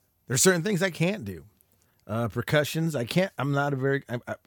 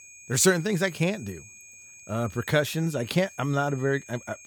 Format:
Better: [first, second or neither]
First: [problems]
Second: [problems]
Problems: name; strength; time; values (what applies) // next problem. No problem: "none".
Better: first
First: none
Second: high-pitched whine; noticeable; throughout; 6.5 kHz, 20 dB below the speech